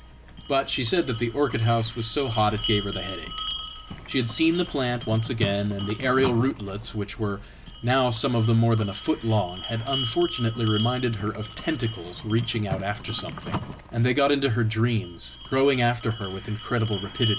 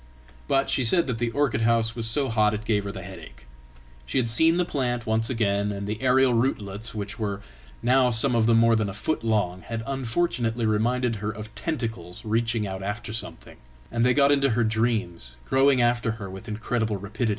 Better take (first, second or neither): second